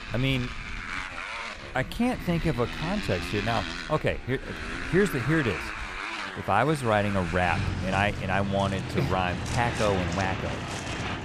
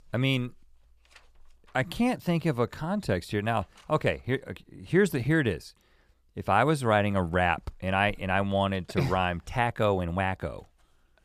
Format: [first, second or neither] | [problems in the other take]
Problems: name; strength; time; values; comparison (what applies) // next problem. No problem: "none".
second | traffic noise; loud; throughout; 6 dB below the speech